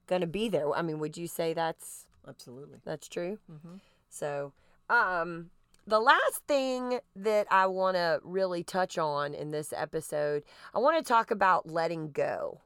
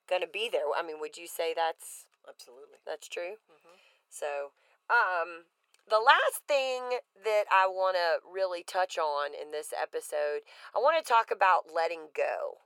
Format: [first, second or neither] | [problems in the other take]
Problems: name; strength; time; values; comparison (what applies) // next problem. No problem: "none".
first | thin; very; fading below 450 Hz